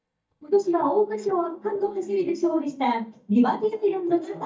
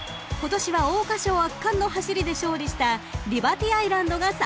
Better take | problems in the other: second | noise reduction (neural mask model DeepFilterNet 3)

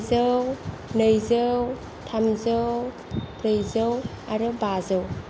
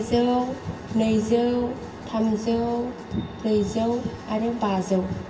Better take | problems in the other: first | room echo; dies away in 2.2 s

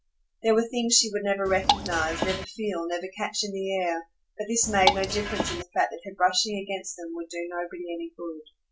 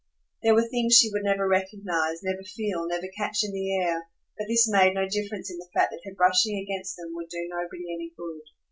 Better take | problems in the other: second | background sound (Drip / Water); as loud as the speech

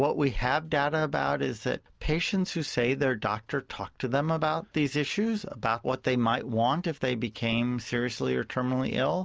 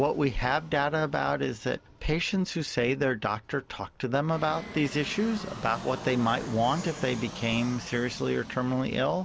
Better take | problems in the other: first | background sound (Fixed-wing aircraft, airplane); 15 dB below the speech

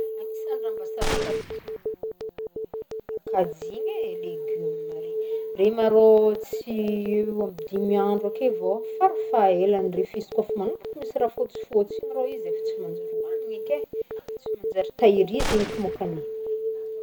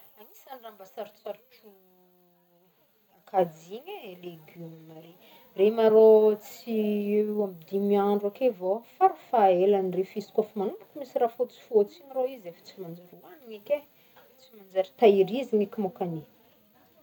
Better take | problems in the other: second | background sound (Gunshot, gunfire + Telephone); 4 dB below the speech

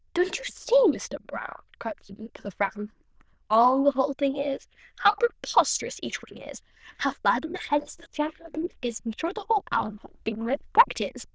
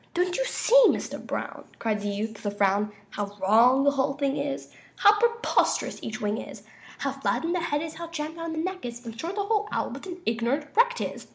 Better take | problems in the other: second | noise reduction (neural diffusion model UNIVERSE++)

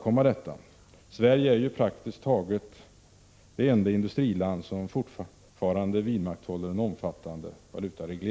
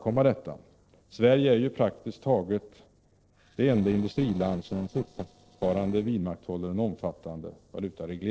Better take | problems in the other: first | noise reduction (neural separator model SepFormer DNS4)

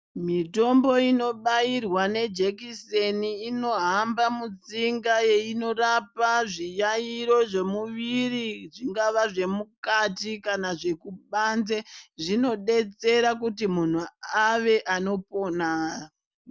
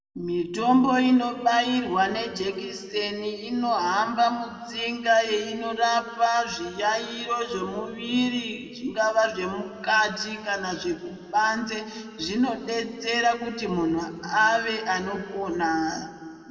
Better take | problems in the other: first | room echo; dies away in 2.2 s

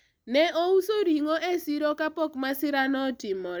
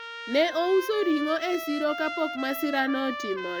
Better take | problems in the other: first | background sound (Trumpet); 9 dB below the speech

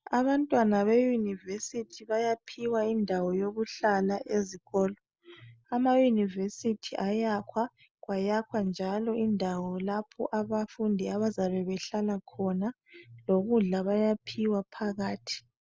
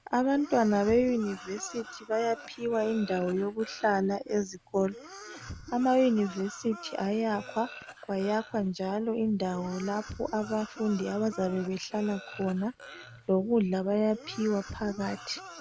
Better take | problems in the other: first | background sound (Cough); 17 dB below the speech

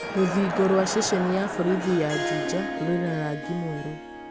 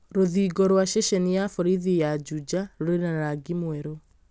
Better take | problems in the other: second | background sound (Crowd + Harp); 5 dB below the speech

